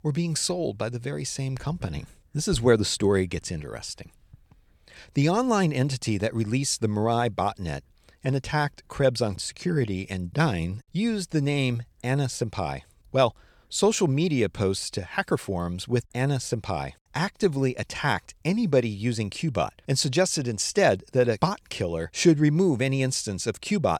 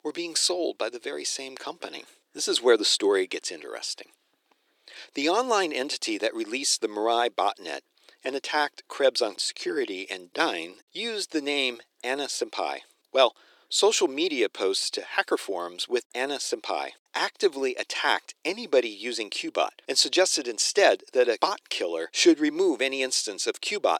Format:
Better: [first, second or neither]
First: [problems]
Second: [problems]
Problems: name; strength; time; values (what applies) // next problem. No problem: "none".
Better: first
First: none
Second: thin; very; fading below 300 Hz